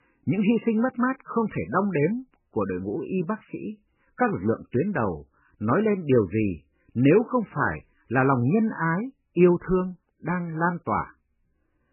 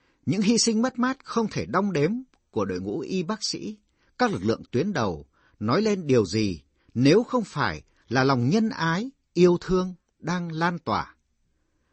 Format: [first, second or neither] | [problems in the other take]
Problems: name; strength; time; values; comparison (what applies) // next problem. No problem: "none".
second | garbled, watery; badly; nothing above 3 kHz; slightly in the second